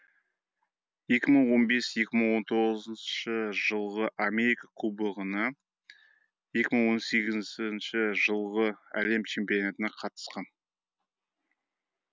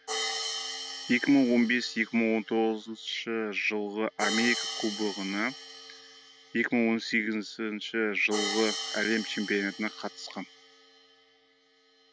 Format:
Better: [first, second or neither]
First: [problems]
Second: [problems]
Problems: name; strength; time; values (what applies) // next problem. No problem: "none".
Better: first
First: none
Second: background sound (Hi-hat); 9 dB below the speech